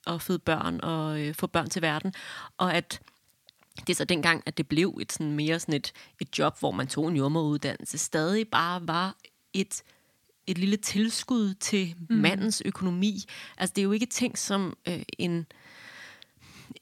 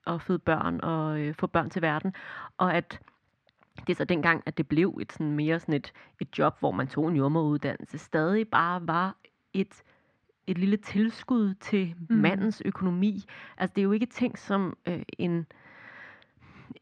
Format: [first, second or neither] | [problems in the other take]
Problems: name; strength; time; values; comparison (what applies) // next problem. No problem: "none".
first | muffled; very; fading above 1.5 kHz